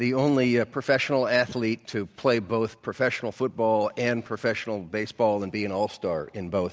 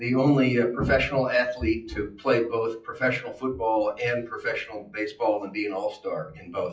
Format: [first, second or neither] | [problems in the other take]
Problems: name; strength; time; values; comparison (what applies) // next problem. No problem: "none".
first | noise reduction (classical method WPE with log-MMSE)